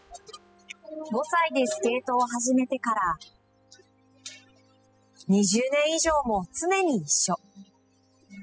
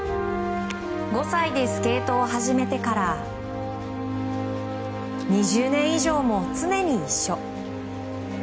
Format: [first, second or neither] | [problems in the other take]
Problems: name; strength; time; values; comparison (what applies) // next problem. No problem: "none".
second | noise reduction (classical method spectral subtraction)